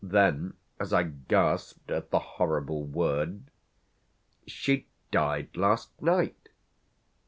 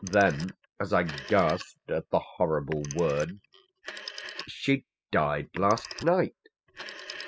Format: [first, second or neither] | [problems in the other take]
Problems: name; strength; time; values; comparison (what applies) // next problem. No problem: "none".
first | noise reduction (classical method spectral subtraction)